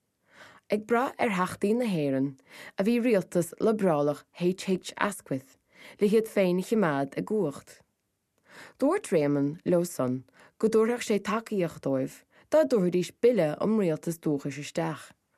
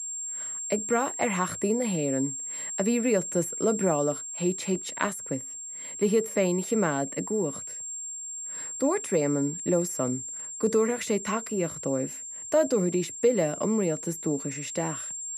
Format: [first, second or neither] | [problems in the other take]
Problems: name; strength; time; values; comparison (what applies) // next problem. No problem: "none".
first | high-pitched whine; loud; throughout; 7.5 kHz, 6 dB below the speech